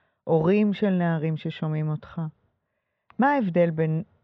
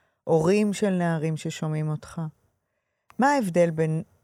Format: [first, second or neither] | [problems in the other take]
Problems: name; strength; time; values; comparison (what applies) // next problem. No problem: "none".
second | muffled; very; fading above 4 kHz